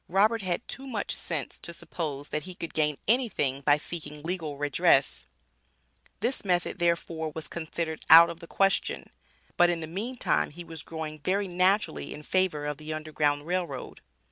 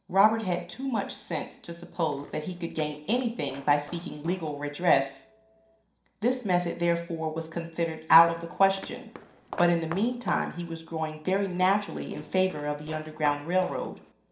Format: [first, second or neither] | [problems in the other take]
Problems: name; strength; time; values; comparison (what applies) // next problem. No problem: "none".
first | noise reduction (neural separator model SepFormer DNS4)